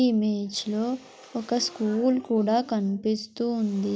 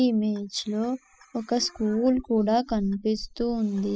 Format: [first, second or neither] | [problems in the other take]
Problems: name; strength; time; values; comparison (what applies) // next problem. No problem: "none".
first | noise reduction (classical method spectral subtraction)